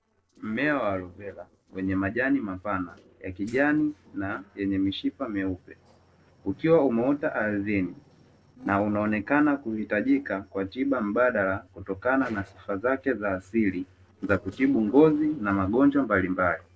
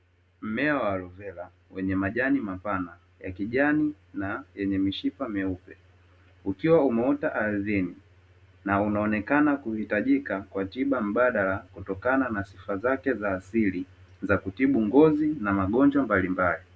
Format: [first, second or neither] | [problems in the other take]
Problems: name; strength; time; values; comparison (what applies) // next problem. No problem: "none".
second | noise reduction (neural separator model SepFormer DNS4)